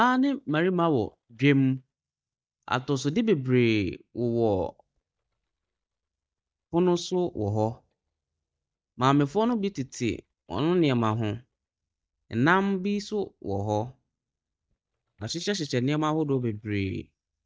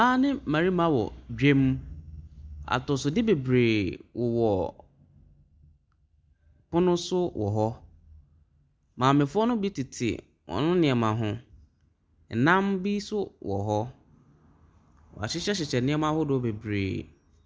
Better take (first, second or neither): second